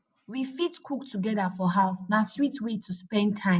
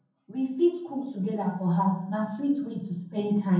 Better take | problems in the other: first | room echo; dies away in 0.7 s

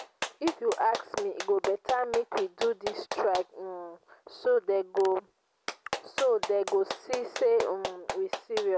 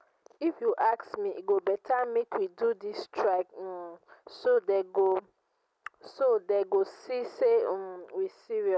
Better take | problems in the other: second | background sound (Clapping); 10 dB below the speech

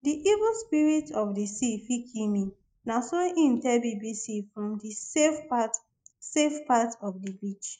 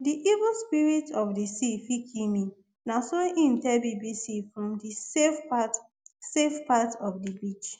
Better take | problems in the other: second | noise reduction (neural mask model DeepFilterNet 3)

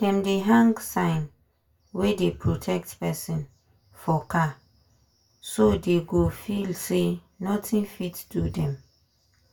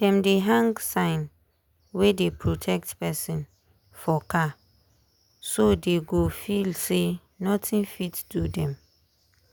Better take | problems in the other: second | room echo; dies away in 0.2 s

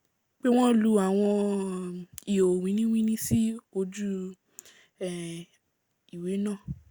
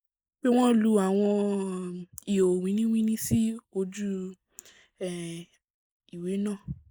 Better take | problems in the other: first | noise reduction (neural mask model Resemble Enhance denoiser)

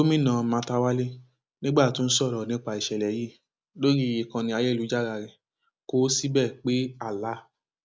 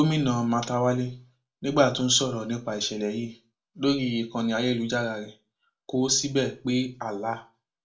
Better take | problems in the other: first | room echo; dies away in 0.2 s

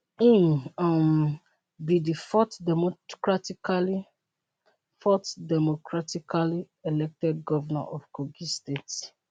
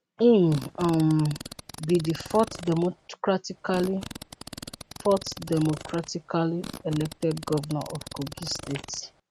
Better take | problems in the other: first | background sound (Fart); 15 dB below the speech

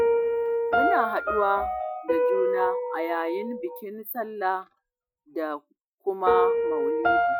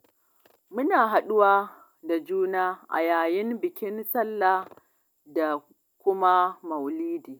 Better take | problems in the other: second | noise reduction (classical method Wiener filter)

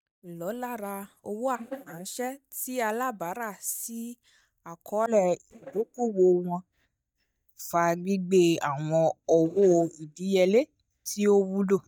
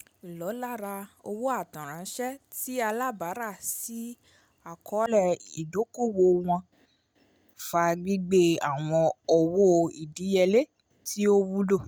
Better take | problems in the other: second | noise reduction (neural mask model DeepFilterNet 3)

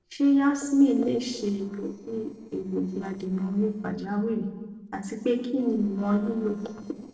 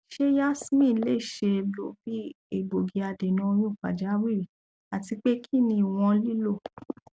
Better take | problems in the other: second | noise reduction (neural separator model SepFormer DNS4)

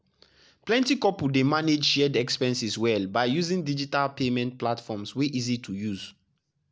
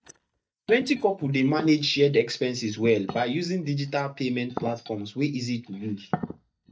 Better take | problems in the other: first | noise reduction (neural mask model DeepFilterNet 3)

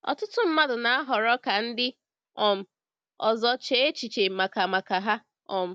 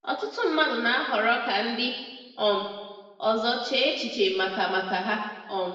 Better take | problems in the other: first | room echo; dies away in 1.2 s

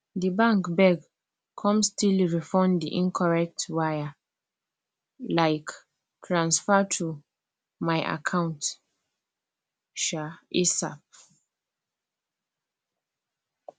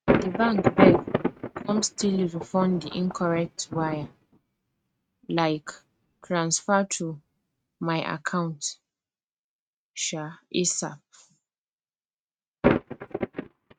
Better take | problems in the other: first | noise reduction (neural mask model RNNoise)

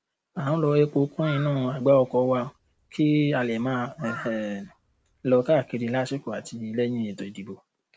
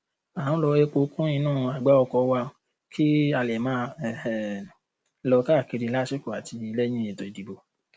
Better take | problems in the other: second | background sound (Crow); 19 dB below the speech

